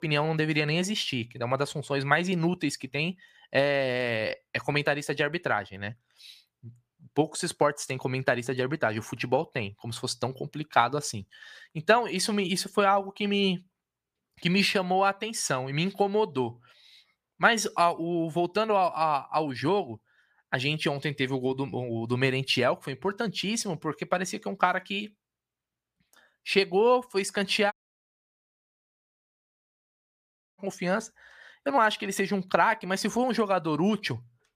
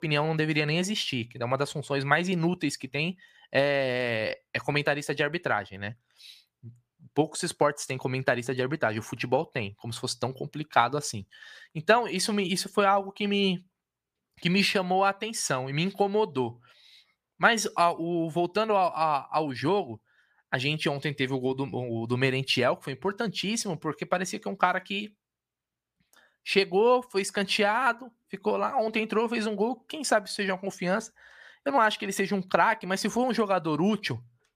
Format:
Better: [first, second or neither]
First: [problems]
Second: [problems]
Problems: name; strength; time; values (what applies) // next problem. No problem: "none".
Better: second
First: audio cutting out; at 28 s for 3 s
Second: none